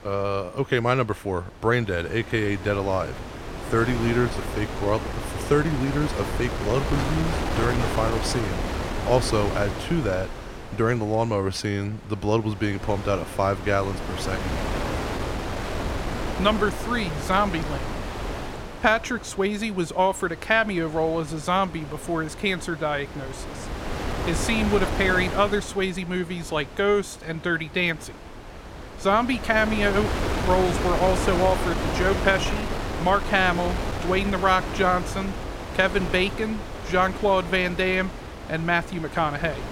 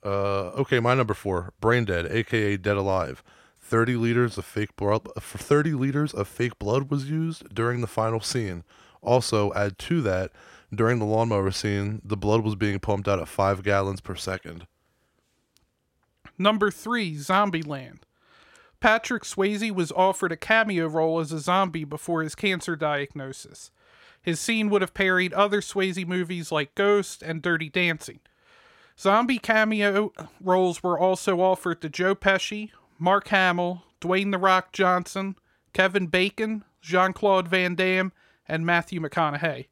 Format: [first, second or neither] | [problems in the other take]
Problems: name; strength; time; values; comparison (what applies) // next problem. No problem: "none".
second | wind noise on the microphone; heavy; 8 dB below the speech